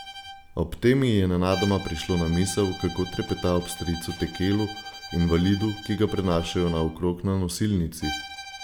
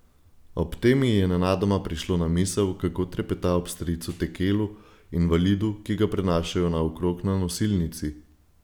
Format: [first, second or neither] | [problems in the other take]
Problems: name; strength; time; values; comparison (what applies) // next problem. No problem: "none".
second | background sound (Bowed string instrument); 14 dB below the speech